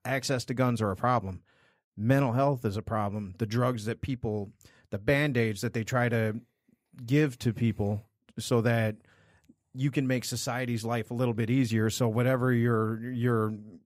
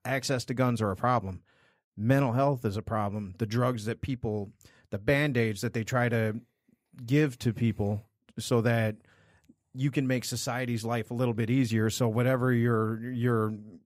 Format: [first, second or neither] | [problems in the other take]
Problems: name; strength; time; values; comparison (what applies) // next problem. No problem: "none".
neither | none